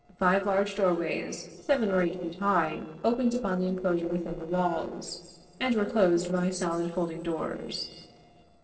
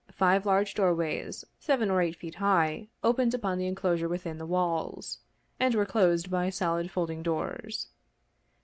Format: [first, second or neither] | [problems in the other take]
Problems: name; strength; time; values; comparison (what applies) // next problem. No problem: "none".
second | noise reduction (neural separator model SepFormer DNS4)